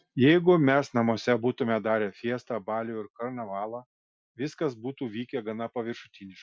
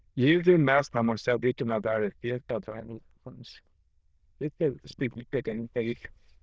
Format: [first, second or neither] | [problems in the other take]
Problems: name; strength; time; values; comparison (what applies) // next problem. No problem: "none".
first | noise reduction (neural diffusion model UNIVERSE++)